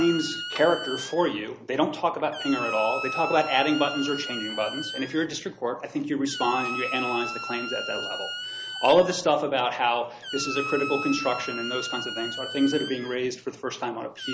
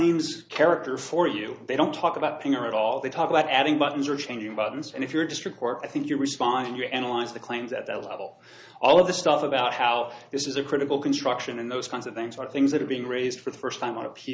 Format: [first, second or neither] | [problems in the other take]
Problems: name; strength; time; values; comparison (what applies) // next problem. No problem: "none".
second | background sound (Squeak); 8 dB below the speech